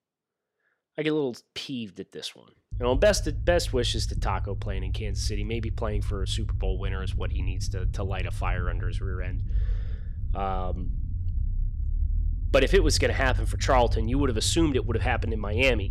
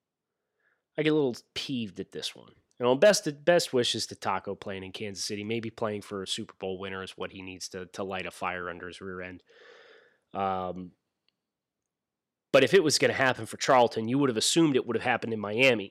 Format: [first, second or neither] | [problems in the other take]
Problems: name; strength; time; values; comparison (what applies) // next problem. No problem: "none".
second | low rumble; faint; from 2.5 s on; 20 dB below the speech